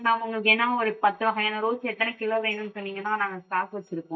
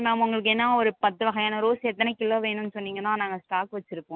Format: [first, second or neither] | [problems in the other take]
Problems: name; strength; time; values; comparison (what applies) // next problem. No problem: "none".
second | noise reduction (neural mask model DeepFilterNet 3)